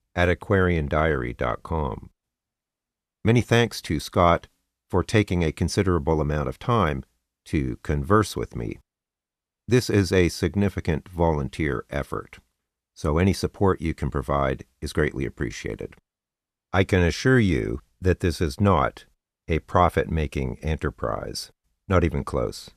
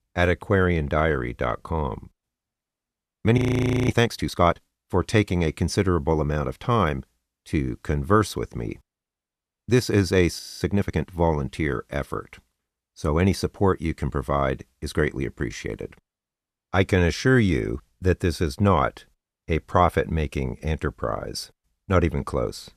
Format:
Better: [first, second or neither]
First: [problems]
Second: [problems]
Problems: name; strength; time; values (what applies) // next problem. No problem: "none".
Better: first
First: none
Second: audio freezing; at 3.5 s for 0.5 s and at 10 s